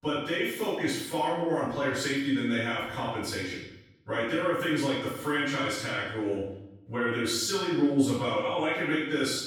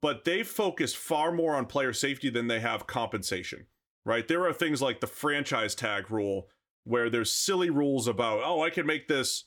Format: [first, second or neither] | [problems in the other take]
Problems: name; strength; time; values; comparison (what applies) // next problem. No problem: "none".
second | off-mic speech; far // room echo; strong; dies away in 0.8 s